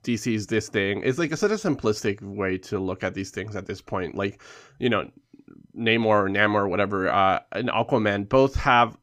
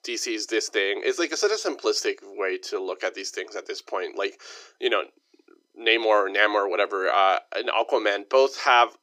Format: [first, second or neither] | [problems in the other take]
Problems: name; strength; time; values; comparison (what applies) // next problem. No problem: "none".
first | thin; very; fading below 350 Hz